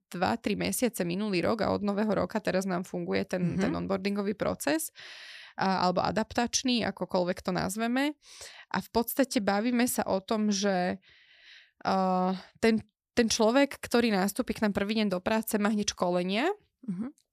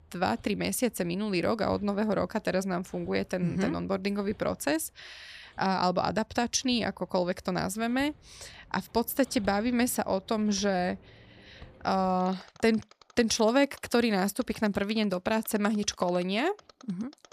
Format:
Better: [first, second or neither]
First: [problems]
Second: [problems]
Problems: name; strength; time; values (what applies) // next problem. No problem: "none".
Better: first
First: none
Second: machinery noise; faint; throughout; 25 dB below the speech